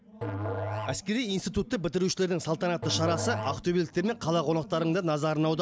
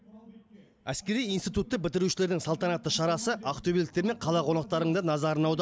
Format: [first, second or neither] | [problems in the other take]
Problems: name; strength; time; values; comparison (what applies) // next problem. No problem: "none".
second | background sound (Musical instrument); 9 dB below the speech